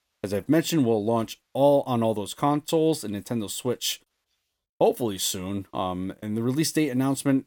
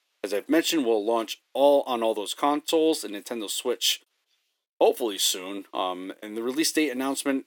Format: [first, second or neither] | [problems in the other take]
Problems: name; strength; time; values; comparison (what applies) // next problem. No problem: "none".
first | thin; very slightly; fading below 300 Hz